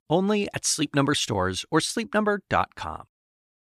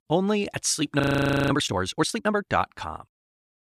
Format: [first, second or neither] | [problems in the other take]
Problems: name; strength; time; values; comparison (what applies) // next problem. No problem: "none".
first | audio freezing; at 1 s for 0.5 s